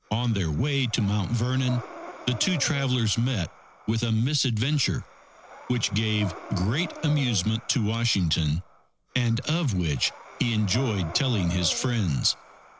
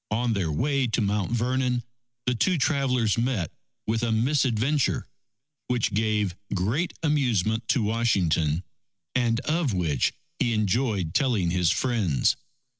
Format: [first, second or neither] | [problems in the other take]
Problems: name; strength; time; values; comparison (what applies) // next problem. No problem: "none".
second | background sound (Breathing); 17 dB below the speech